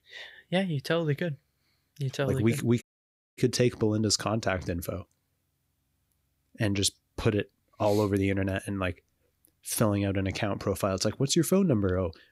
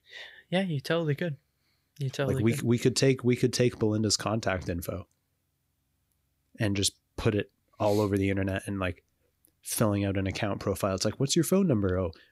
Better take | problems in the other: second | audio cutting out; at 3 s for 0.5 s

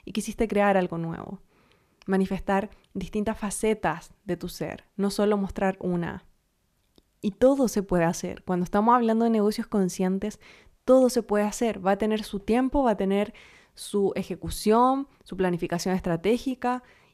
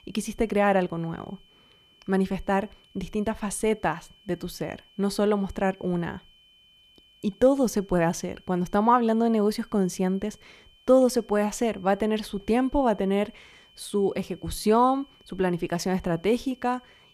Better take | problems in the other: first | high-pitched whine; faint; throughout; 3 kHz, 30 dB below the speech

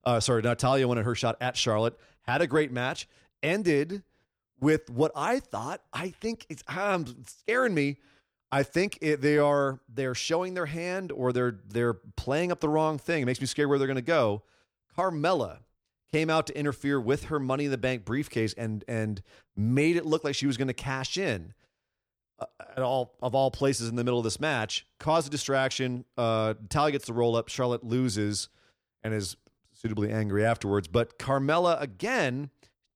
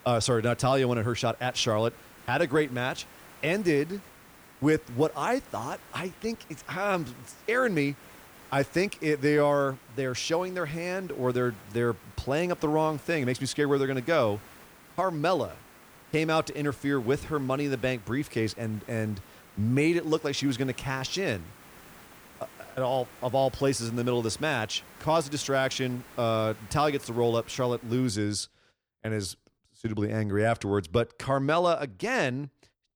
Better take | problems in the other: first | hiss; faint; until 28 s; 20 dB below the speech

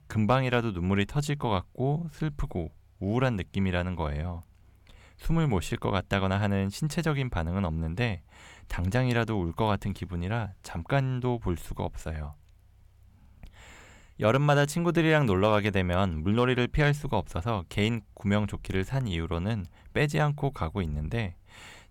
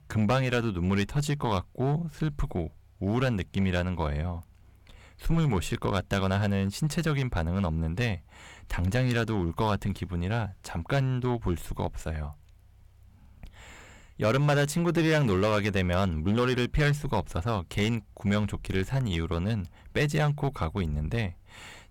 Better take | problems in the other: first | distortion; slight; 4% of the sound clipped

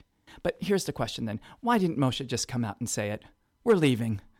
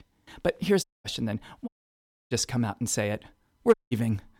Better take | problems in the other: first | audio cutting out; at 1 s, at 1.5 s for 0.5 s and at 3.5 s

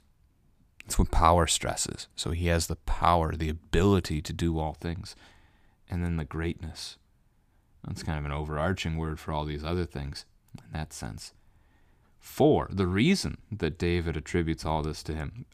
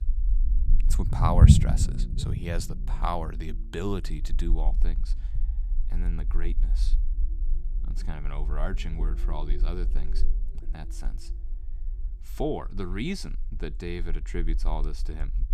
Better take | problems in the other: first | low rumble; loud; throughout; 4 dB below the speech

